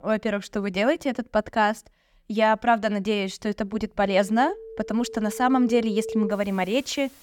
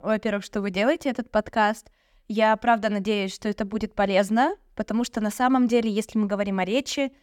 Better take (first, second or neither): second